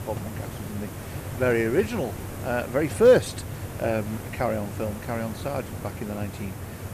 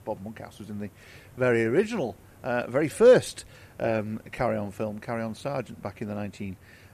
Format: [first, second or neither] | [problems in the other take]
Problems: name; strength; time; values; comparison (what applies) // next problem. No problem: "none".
second | hiss; loud; throughout; 10 dB below the speech; faint in the second